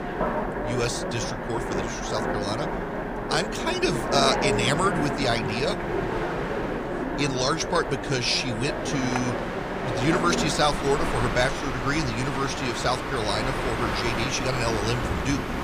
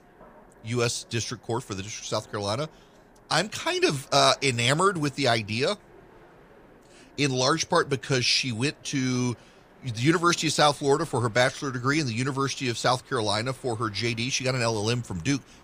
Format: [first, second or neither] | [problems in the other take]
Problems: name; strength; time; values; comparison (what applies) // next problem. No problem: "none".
second | train or aircraft noise; loud; throughout; 2 dB below the speech; faint in the second